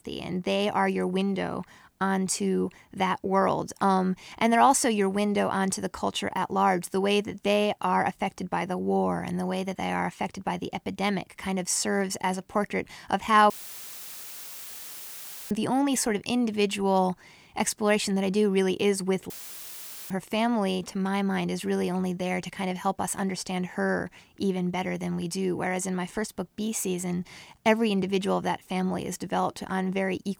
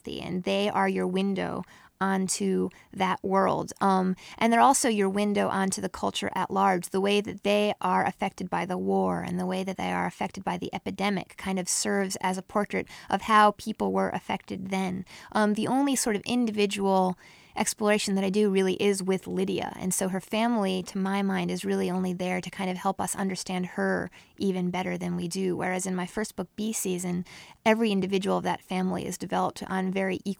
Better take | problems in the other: second | audio cutting out; filled with static; at 14 s for 2 s and at 19 s for 1 s

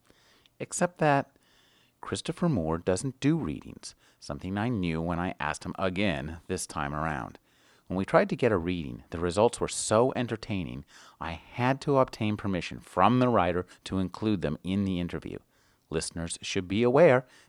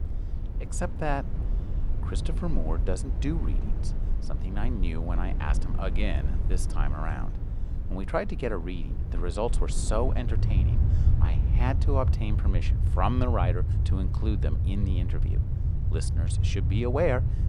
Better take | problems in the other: first | low rumble; loud; throughout; 10 dB below the speech

